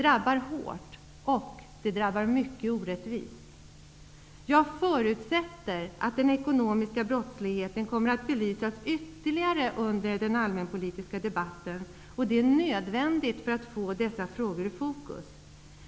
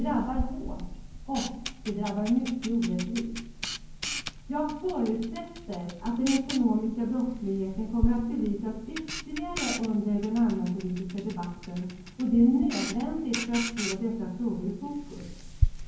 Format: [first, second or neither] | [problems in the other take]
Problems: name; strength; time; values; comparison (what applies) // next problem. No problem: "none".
first | background sound (Camera); 6 dB below the speech // room echo; dies away in 0.9 s